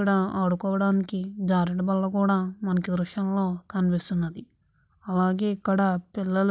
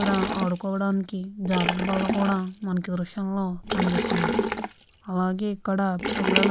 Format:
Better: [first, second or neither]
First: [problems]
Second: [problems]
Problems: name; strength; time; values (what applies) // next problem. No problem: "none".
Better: first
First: none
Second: background sound (Liquid); 3 dB below the speech